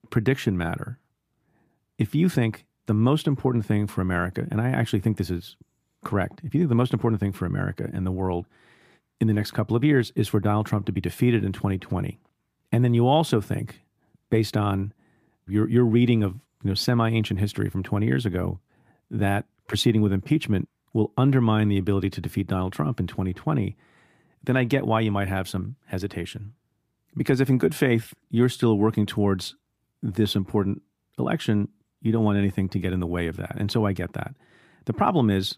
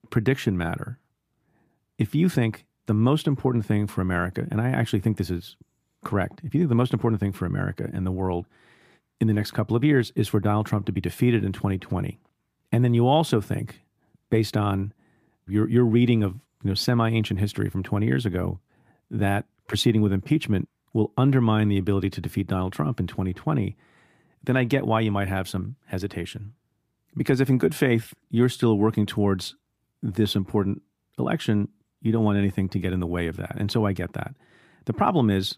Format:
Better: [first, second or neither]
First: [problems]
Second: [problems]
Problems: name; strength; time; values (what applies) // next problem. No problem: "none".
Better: neither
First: none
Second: none